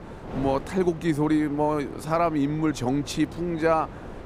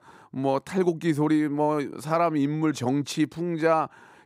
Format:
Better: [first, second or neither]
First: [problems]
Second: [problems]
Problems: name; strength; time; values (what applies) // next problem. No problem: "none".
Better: second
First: wind noise on the microphone; occasional gusts; 15 dB below the speech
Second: none